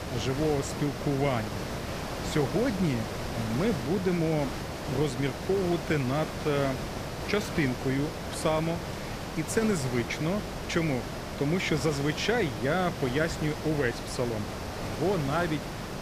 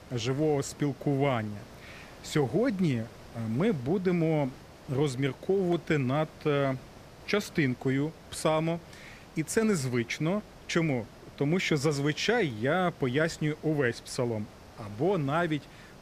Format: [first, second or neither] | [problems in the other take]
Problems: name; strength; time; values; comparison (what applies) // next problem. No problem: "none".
second | hiss; loud; throughout; 6 dB below the speech; faint in the second